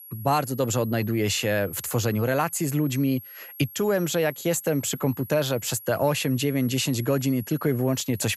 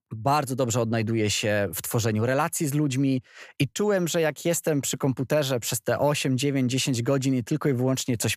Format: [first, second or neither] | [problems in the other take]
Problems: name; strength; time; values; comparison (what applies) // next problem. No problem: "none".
second | high-pitched whine; noticeable; throughout; 11.5 kHz, 15 dB below the speech